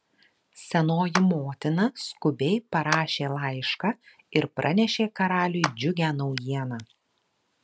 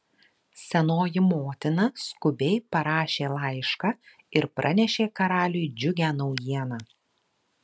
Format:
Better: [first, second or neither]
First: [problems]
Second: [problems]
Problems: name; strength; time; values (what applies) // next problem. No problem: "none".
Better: second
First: background sound (Clapping); 10 dB below the speech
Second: none